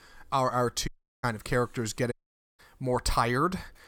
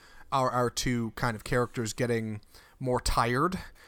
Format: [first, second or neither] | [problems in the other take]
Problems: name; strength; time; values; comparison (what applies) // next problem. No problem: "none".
second | audio cutting out; at 1 s and at 2 s